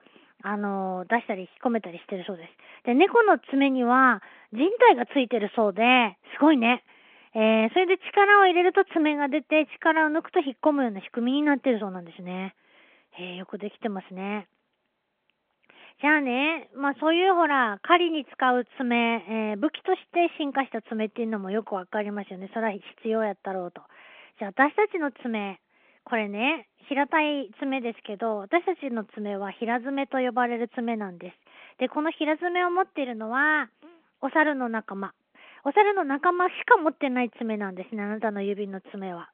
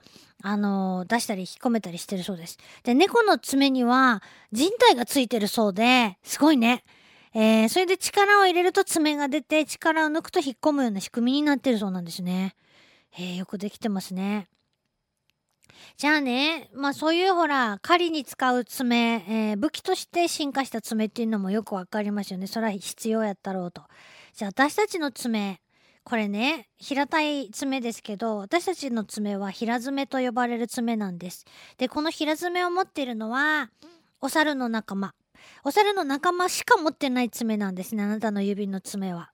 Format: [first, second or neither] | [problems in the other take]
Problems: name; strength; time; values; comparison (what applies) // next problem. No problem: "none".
second | phone-call audio; nothing above 3.5 kHz